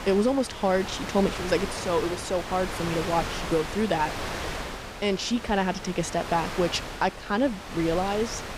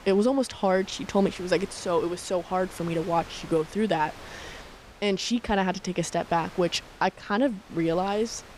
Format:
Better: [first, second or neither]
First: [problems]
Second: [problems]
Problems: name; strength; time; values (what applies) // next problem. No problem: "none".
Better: second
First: wind noise on the microphone; heavy; 7 dB below the speech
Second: wind noise on the microphone; occasional gusts; 20 dB below the speech